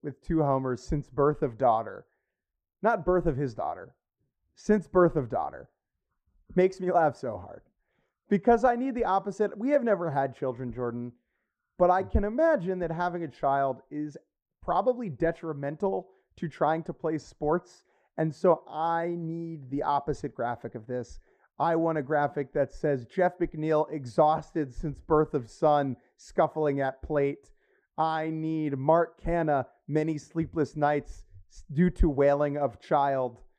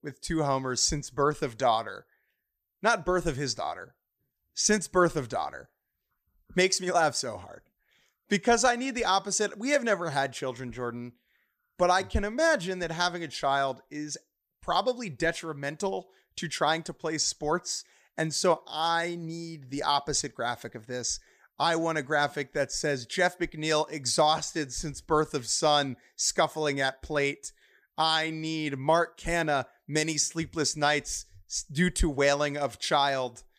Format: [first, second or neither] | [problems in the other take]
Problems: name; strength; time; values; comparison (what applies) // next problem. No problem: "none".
second | muffled; very; fading above 2 kHz